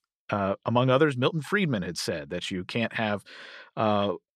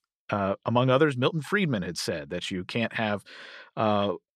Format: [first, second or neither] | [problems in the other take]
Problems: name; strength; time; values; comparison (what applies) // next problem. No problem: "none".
neither | none